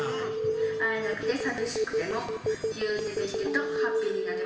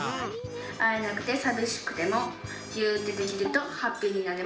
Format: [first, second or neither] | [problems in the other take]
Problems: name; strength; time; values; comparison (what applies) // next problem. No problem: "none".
second | background sound (Telephone); 2 dB above the speech // room echo; dies away in 2.8 s